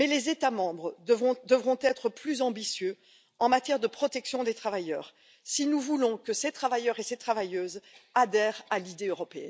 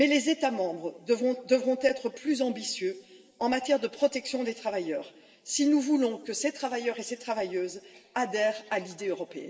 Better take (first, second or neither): first